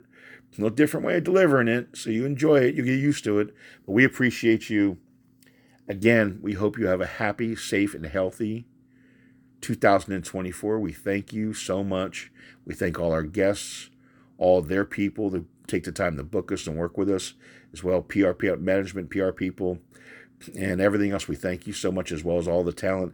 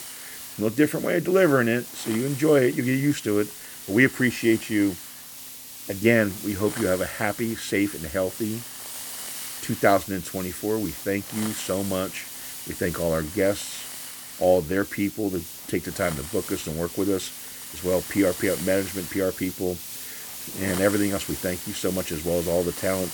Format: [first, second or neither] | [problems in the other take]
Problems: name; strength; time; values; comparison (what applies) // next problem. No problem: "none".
first | hiss; loud; throughout; 9 dB below the speech